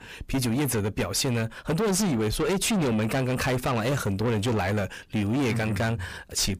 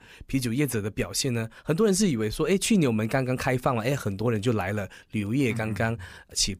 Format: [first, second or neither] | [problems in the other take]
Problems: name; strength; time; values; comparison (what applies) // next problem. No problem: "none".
second | distortion; heavy; 7 dB below the speech